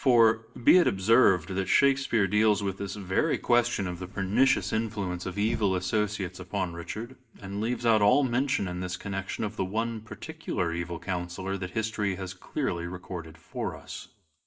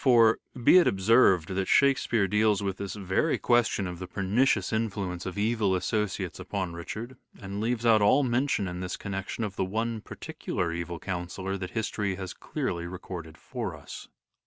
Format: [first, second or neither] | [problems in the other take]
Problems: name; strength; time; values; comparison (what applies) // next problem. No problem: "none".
second | background sound (Sliding door / Slam / Wood); 14 dB below the speech // room echo; dies away in 0.5 s